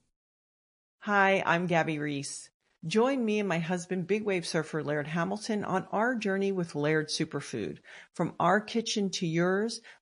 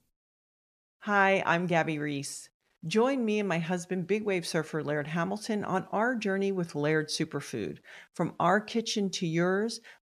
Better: second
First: garbled, watery; slightly; nothing above 10.5 kHz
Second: none

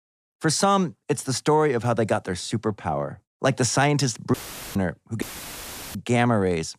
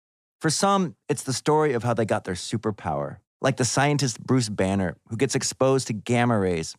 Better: second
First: audio cutting out; filled with static; at 4.5 s and at 5 s for 0.5 s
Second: none

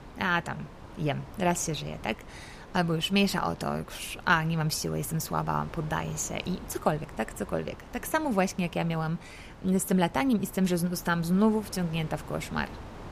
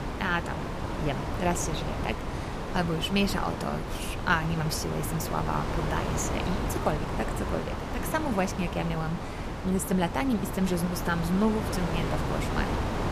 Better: first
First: wind noise on the microphone; occasional gusts; 20 dB below the speech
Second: wind noise on the microphone; heavy; 3 dB below the speech

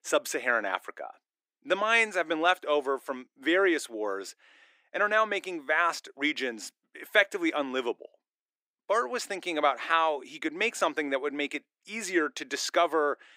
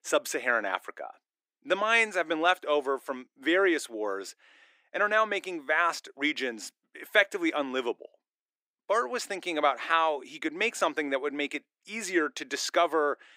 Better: neither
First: thin; very; fading below 300 Hz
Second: thin; very; fading below 300 Hz

